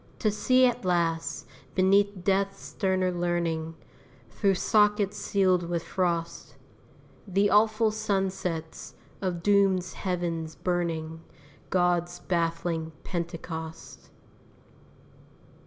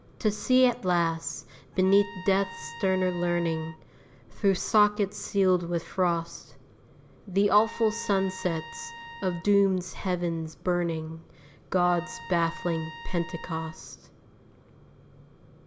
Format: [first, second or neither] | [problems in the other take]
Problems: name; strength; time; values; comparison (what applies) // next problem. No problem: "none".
first | background sound (Trumpet); 16 dB below the speech